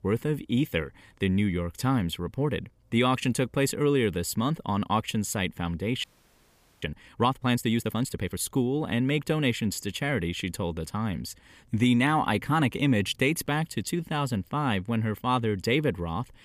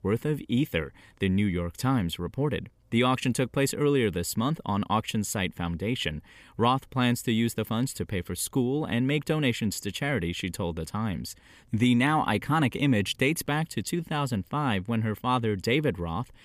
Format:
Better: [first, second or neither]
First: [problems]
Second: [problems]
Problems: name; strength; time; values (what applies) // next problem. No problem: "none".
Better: second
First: audio freezing; at 6 s for 1 s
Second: none